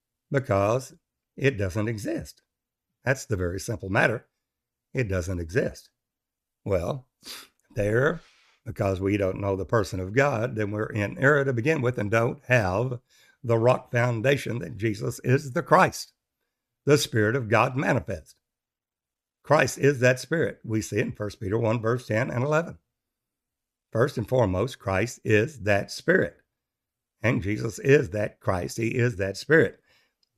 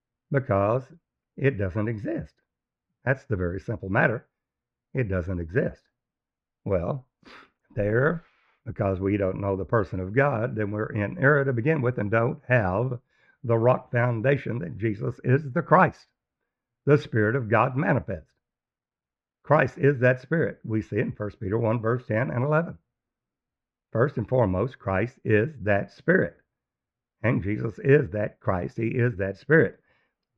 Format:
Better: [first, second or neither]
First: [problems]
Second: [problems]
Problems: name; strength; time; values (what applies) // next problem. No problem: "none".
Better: first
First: none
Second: muffled; very; fading above 1.5 kHz